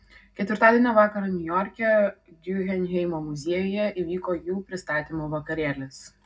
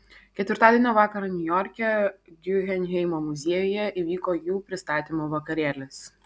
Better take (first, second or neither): second